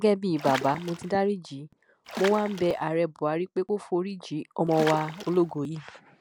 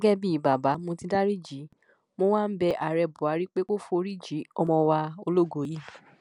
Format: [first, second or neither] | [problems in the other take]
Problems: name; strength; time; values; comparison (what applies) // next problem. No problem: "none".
second | background sound (Water / Splash, splatter); 11 dB below the speech